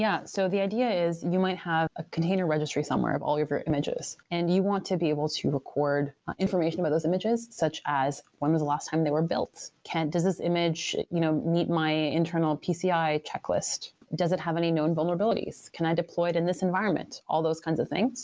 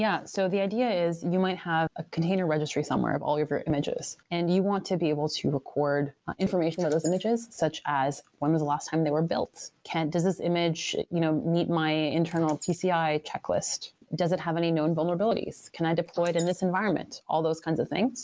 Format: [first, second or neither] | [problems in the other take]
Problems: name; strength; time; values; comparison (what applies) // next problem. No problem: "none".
first | noise reduction (neural mask model Resemble Enhance denoiser)